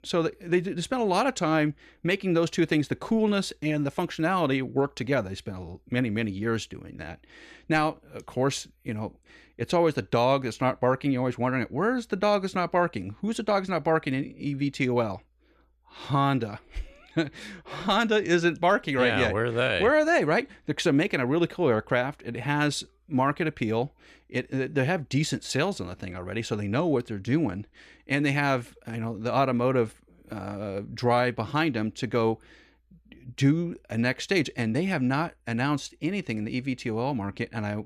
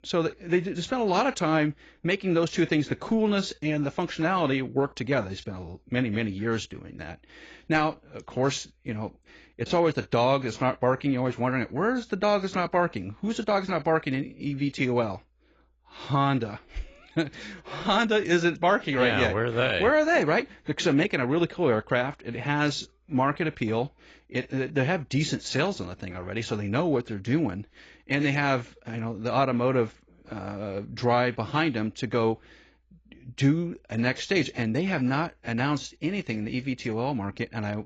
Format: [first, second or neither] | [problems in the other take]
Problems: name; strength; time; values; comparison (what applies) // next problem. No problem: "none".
first | garbled, watery; badly; nothing above 7.5 kHz